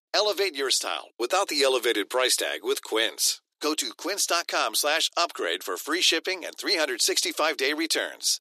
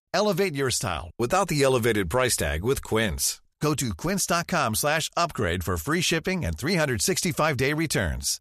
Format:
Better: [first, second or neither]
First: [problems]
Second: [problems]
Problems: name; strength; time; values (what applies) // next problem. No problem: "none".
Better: second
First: thin; very; fading below 300 Hz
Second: none